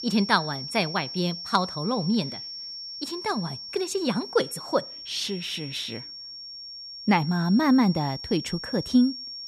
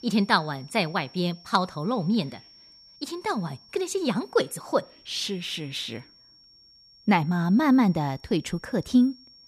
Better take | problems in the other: second | high-pitched whine; loud; throughout; 5.5 kHz, 9 dB below the speech; faint in the second

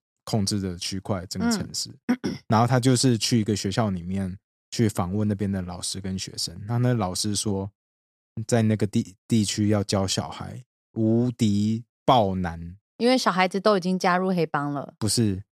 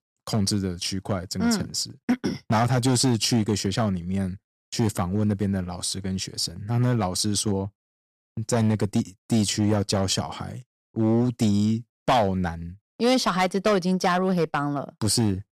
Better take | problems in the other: first | distortion; slight; 5% of the sound clipped

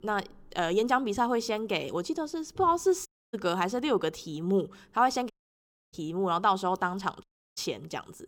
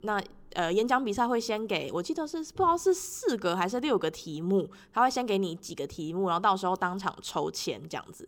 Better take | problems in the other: second | audio cutting out; at 3 s, at 5.5 s for 0.5 s and at 7 s

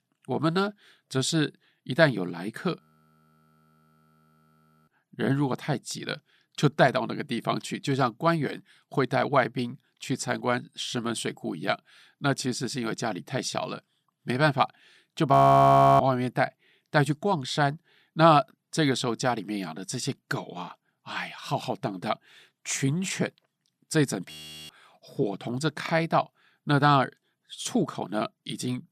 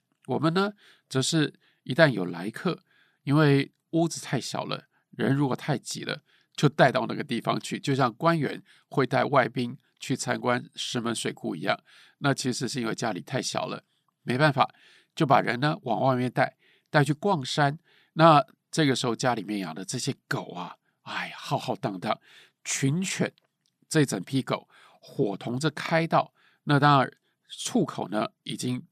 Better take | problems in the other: second | audio freezing; at 3 s for 2 s, at 15 s for 0.5 s and at 24 s

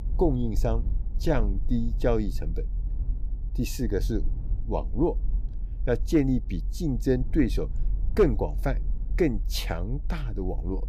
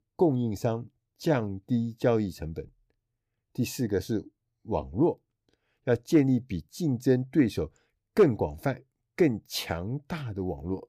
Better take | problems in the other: second | low rumble; faint; throughout; 20 dB below the speech

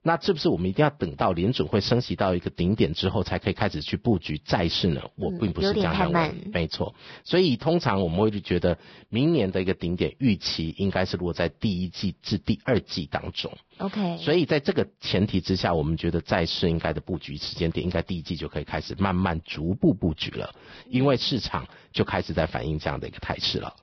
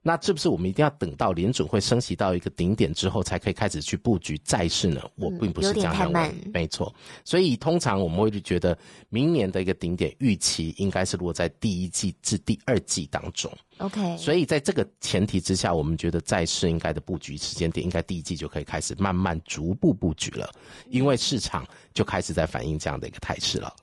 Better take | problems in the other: second | garbled, watery; badly; nothing above 5.5 kHz; slightly in the second

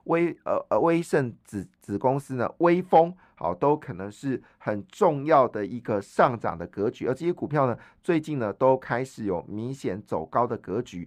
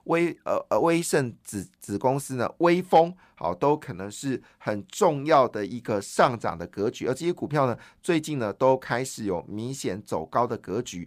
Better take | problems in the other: second | muffled; slightly; fading above 3 kHz

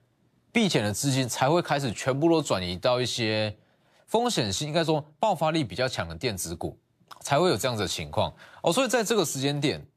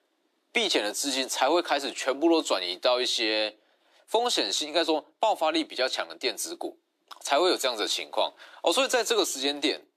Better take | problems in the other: first | thin; somewhat; fading below 300 Hz

